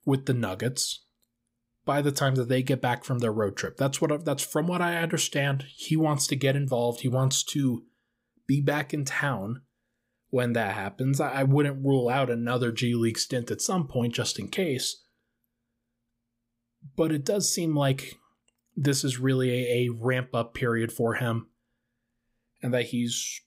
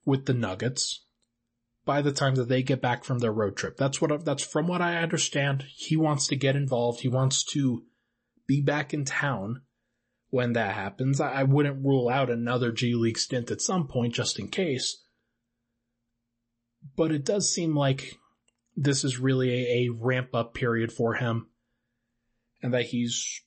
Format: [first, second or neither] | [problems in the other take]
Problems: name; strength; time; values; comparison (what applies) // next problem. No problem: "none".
first | garbled, watery; slightly; nothing above 8 kHz